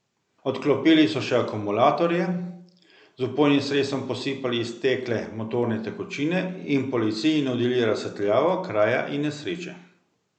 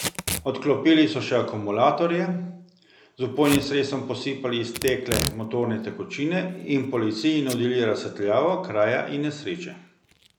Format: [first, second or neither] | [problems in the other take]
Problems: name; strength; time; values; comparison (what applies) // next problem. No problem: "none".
first | background sound (Packing tape, duct tape / Tearing); 13 dB below the speech